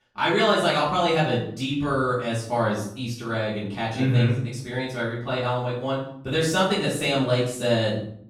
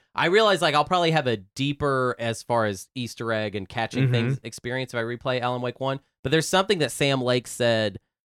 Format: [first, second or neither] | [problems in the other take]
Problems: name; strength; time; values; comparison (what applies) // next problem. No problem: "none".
second | off-mic speech; far // room echo; noticeable; dies away in 0.6 s